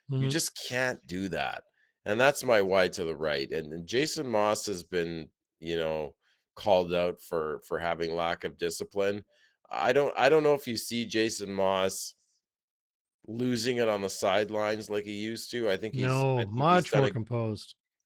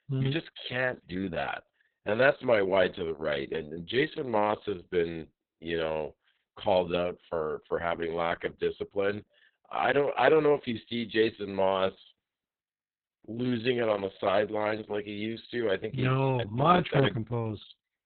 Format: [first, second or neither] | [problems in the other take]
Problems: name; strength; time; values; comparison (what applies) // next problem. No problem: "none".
first | garbled, watery; badly; nothing above 4 kHz; slightly in the first